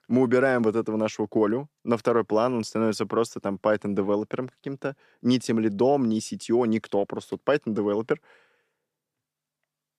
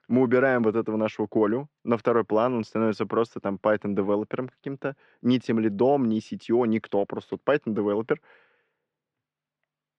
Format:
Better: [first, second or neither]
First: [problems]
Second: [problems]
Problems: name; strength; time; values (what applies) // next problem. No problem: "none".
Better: first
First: none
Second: muffled; slightly; fading above 2.5 kHz